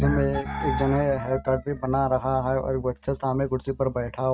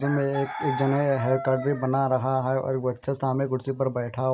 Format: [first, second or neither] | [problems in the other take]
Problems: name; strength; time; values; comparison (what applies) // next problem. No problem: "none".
second | noise reduction (neural mask model RNNoise)